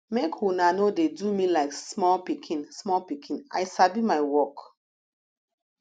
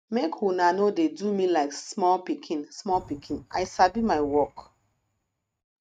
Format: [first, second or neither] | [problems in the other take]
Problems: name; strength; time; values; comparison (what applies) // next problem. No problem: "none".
first | noise reduction (neural mask model RNNoise)